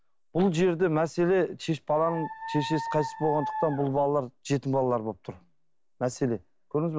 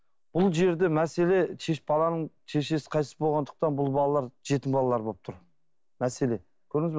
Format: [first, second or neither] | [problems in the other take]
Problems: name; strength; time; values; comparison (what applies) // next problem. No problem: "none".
second | background sound (Dog); 8 dB below the speech